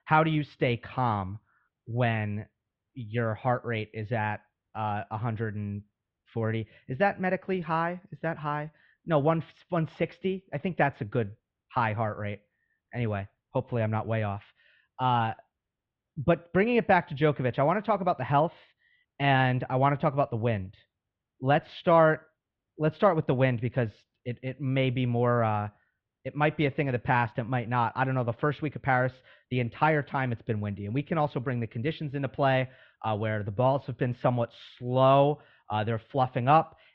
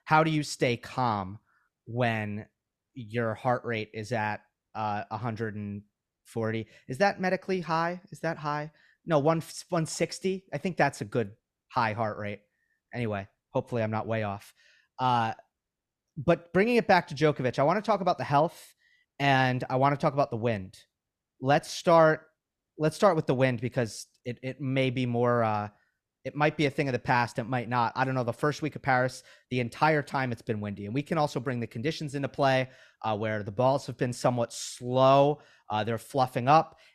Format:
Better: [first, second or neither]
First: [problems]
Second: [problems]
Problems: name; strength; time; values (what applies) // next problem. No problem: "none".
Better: second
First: muffled; very; fading above 3.5 kHz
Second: none